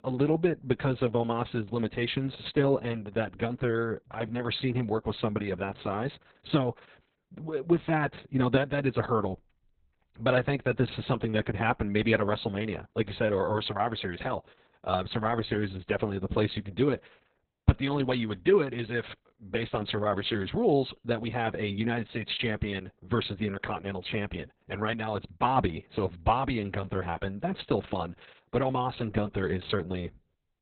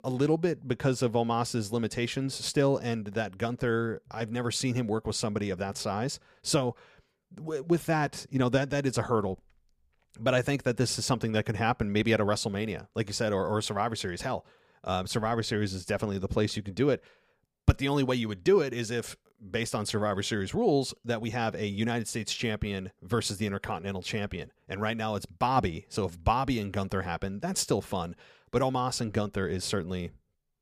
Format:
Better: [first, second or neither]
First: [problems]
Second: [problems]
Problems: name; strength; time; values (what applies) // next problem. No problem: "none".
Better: second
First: garbled, watery; badly; nothing above 4 kHz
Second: none